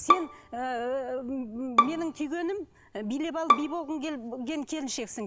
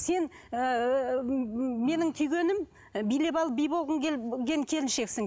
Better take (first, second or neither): second